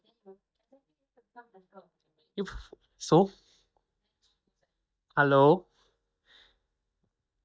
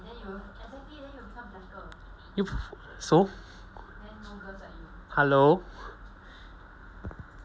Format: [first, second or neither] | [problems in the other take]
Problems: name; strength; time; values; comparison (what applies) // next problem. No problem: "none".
second | noise reduction (neural mask model DeepFilterNet 3)